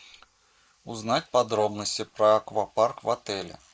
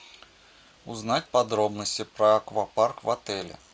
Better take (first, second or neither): second